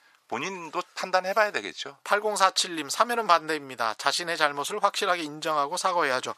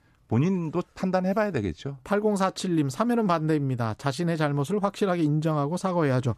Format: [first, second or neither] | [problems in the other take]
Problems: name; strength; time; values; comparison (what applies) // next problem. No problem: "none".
second | thin; very; fading below 900 Hz